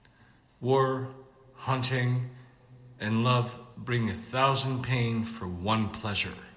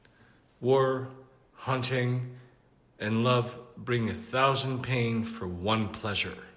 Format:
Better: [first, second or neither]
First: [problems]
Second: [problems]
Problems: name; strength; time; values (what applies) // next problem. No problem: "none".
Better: second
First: room echo; dies away in 2.2 s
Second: none